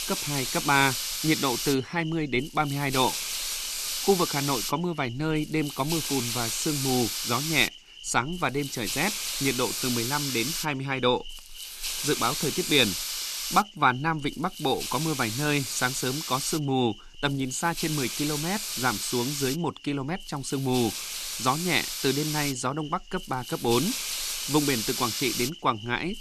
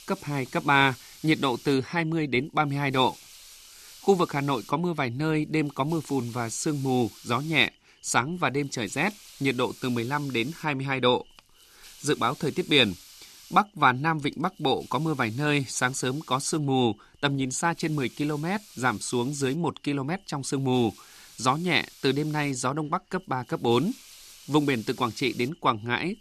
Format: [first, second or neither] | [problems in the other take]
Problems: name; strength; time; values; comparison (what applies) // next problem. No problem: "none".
second | hiss; loud; throughout; 3 dB below the speech; faint in the second